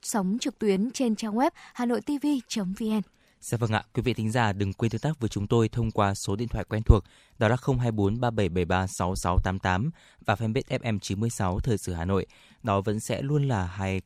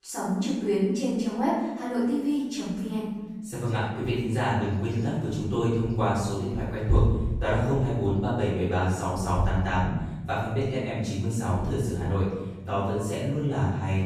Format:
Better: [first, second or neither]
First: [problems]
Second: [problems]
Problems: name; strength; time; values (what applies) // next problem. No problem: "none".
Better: first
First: none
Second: off-mic speech; far // room echo; strong; dies away in 1.1 s